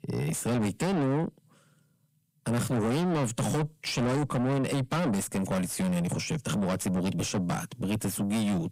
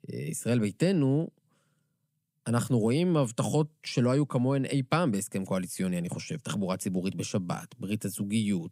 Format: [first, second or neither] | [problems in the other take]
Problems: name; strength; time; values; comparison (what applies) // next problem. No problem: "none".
second | distortion; heavy; 6 dB below the speech